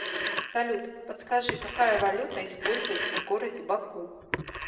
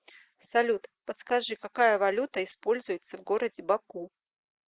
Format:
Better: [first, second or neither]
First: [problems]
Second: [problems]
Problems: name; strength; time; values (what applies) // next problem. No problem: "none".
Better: second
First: background sound (Telephone); 5 dB below the speech // room echo; dies away in 1 s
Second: none